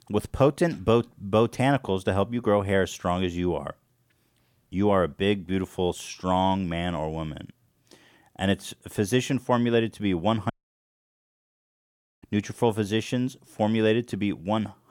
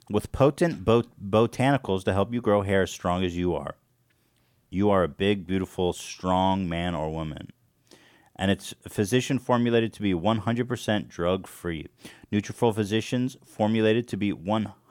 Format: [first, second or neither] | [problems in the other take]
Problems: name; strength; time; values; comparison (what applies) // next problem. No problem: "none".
second | audio cutting out; at 11 s for 1.5 s